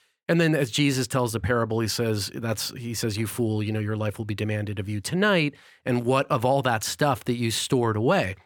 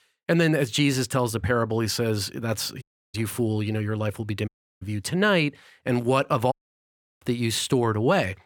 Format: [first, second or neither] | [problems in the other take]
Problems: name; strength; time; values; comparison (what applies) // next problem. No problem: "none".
first | audio cutting out; at 3 s, at 4.5 s and at 6.5 s for 0.5 s